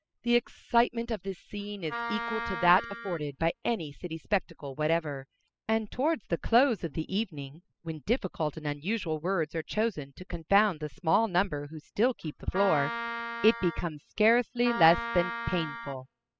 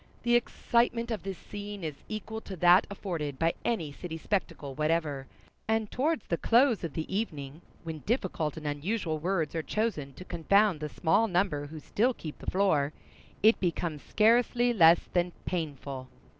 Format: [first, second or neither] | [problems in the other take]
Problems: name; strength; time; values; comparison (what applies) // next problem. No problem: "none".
second | noise reduction (classical method spectral subtraction)